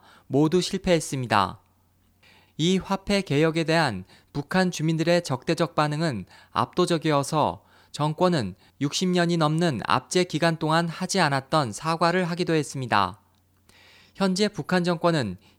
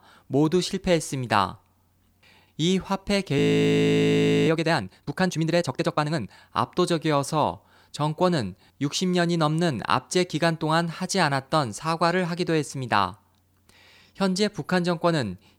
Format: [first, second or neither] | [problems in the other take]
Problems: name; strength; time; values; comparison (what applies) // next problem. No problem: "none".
first | audio freezing; at 3.5 s for 1 s